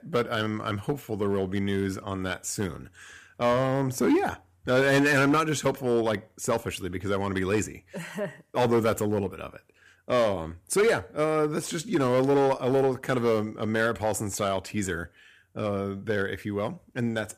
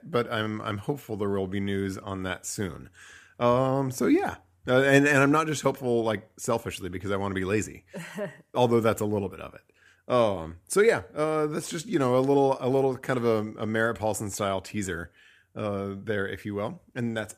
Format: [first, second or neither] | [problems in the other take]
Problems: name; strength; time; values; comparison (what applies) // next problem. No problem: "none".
second | distortion; slight; 5% of the sound clipped